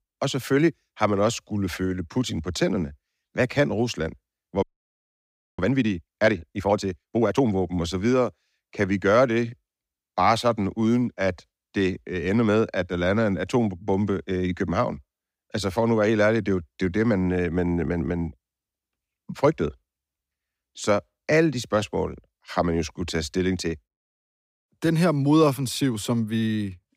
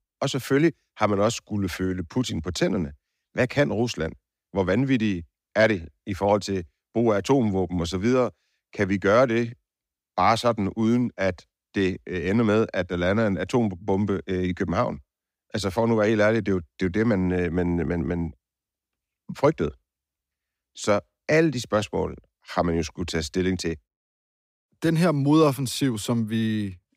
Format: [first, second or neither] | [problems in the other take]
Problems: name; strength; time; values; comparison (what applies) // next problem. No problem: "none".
second | audio freezing; at 4.5 s for 1 s